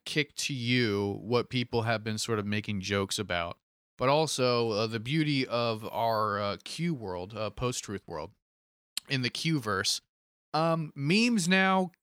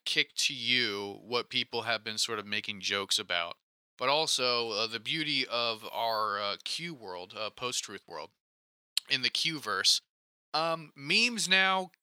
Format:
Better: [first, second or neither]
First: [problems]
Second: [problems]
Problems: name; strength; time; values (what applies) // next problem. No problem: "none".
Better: first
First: none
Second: thin; somewhat; fading below 800 Hz